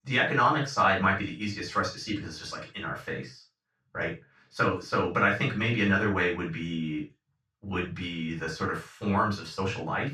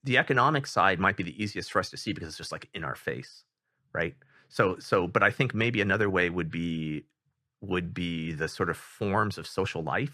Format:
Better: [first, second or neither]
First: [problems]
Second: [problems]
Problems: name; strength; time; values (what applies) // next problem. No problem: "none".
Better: second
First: room echo; noticeable; dies away in 0.2 s // off-mic speech; far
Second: none